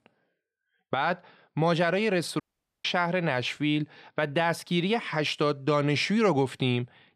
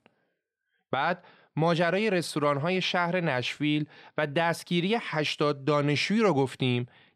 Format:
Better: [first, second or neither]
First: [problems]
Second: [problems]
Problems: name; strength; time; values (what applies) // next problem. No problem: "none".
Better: second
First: audio cutting out; at 2.5 s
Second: none